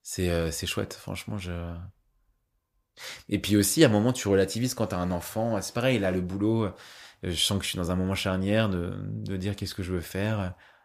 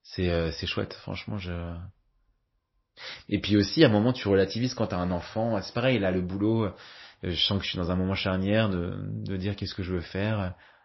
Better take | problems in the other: first | garbled, watery; slightly; nothing above 5.5 kHz

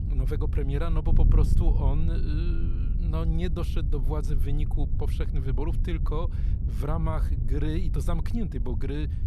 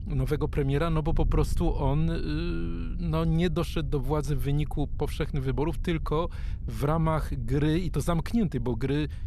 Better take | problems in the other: second | wind noise on the microphone; heavy; 7 dB below the speech; occasional gusts in the second

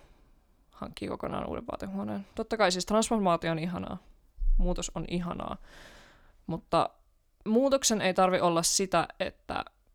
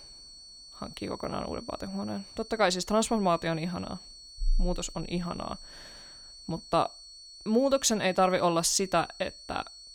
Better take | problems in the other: first | high-pitched whine; noticeable; throughout; 4.5 kHz, 15 dB below the speech

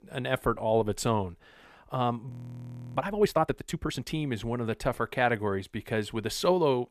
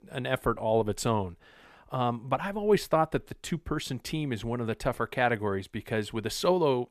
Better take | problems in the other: second | audio freezing; at 2.5 s for 0.5 s

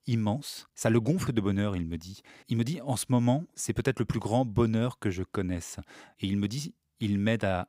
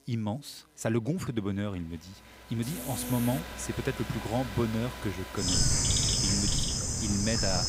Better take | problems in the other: first | animal sounds; very loud; throughout; 3 dB above the speech

